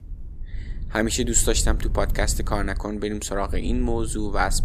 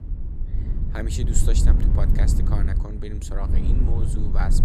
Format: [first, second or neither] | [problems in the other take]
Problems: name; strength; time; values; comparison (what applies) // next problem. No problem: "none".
first | low rumble; loud; throughout; 3 dB below the speech; faint in the first